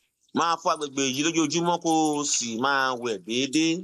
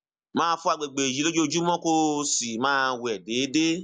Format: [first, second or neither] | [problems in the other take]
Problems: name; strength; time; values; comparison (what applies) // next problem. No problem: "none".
second | noise reduction (neural mask model Resemble Enhance denoiser)